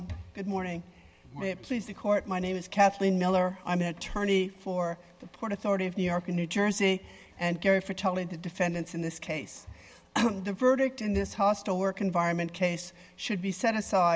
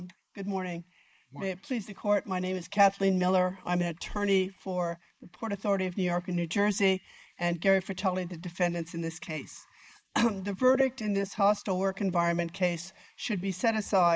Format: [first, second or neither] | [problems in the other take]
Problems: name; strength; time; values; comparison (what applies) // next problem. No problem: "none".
first | noise reduction (neural mask model Resemble Enhance denoiser)